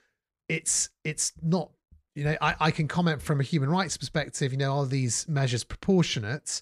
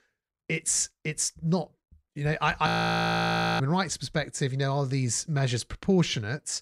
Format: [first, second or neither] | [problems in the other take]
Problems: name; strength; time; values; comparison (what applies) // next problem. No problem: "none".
first | audio freezing; at 2.5 s for 1 s